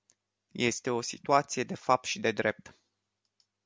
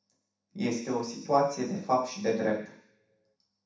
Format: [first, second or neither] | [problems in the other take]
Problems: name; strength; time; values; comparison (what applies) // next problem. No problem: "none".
first | room echo; dies away in 0.7 s